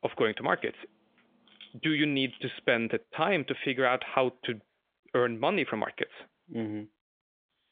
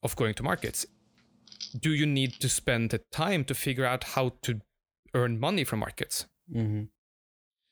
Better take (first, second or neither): second